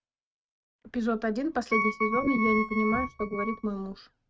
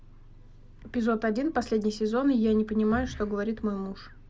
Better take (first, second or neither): second